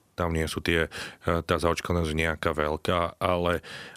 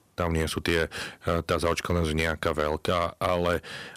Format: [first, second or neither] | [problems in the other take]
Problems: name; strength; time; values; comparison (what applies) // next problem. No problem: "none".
first | distortion; slight; 3% of the sound clipped